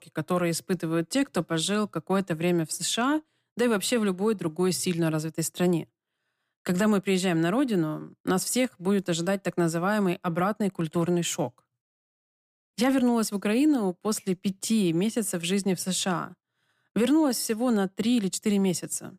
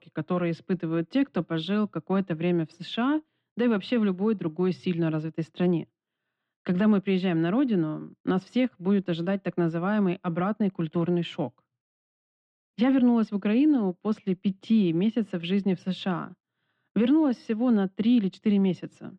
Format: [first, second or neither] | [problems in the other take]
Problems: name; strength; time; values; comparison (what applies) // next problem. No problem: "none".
first | muffled; very; fading above 3.5 kHz